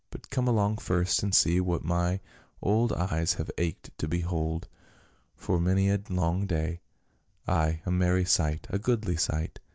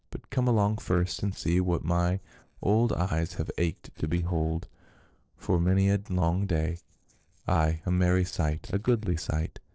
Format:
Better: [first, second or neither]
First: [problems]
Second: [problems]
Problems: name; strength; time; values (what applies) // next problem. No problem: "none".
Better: first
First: none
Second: noise reduction (neural separator model SepFormer DNS4)